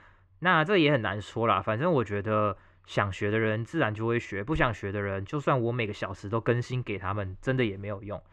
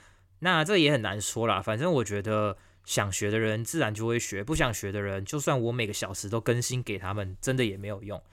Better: second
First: muffled; very; fading above 2 kHz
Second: none

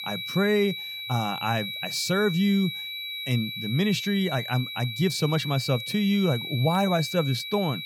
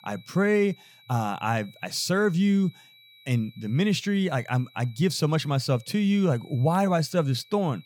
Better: second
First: high-pitched whine; loud; throughout; 4 kHz, 6 dB below the speech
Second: high-pitched whine; faint; throughout; 4 kHz, 25 dB below the speech

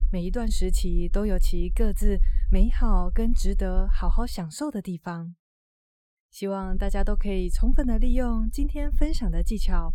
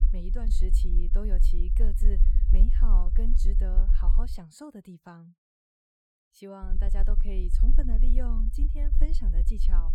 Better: first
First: low rumble; faint; until 4.5 s and from 6.5 s on; 20 dB below the speech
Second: low rumble; loud; until 4.5 s and from 6.5 s on; 6 dB below the speech

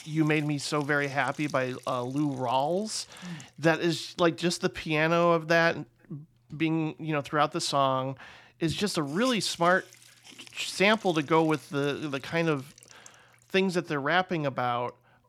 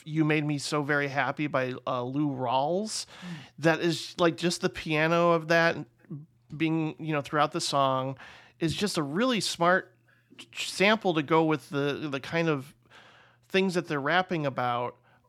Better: second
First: hiss; faint; throughout; 20 dB below the speech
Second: none

